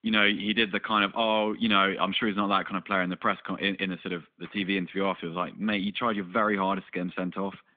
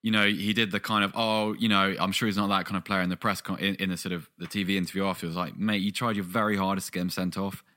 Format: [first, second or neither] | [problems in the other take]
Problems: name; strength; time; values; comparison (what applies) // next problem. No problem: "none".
second | phone-call audio; nothing above 3.5 kHz